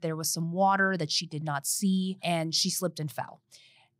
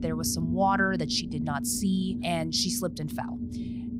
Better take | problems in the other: first | low rumble; noticeable; throughout; 10 dB below the speech

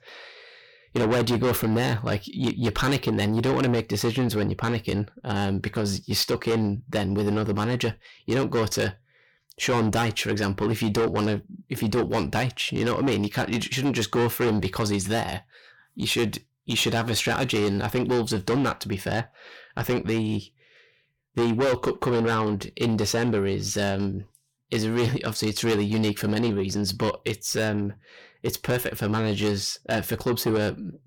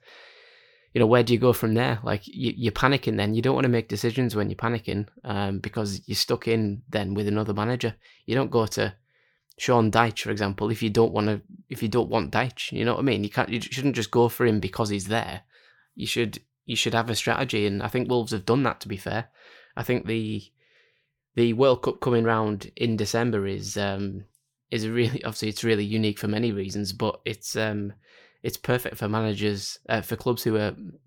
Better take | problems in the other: second | distortion; heavy; 6 dB below the speech

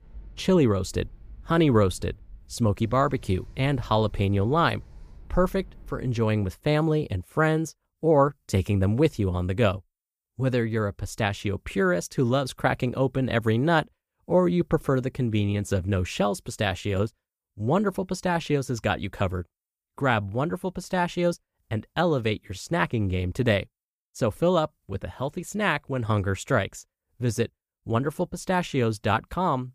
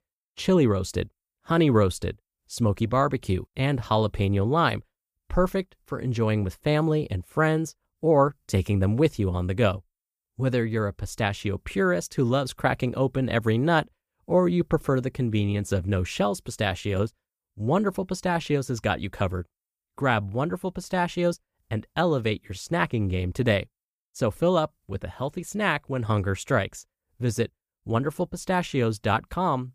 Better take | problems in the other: second | wind in the background; faint; until 6 s; 25 dB below the speech

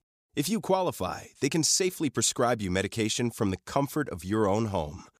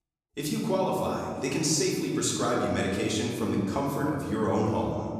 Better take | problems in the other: first | room echo; noticeable; dies away in 2 s // off-mic speech; far

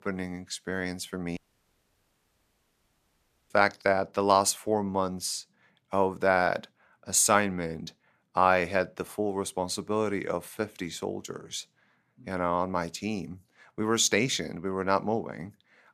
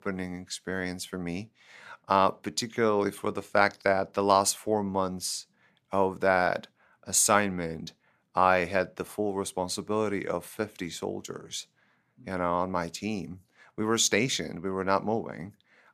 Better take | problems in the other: second | audio cutting out; at 1.5 s for 2 s

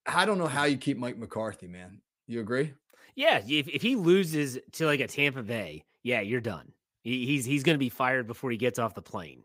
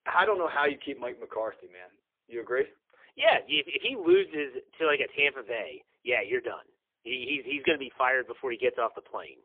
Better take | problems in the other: first | phone-call audio; poor line; nothing above 3.5 kHz

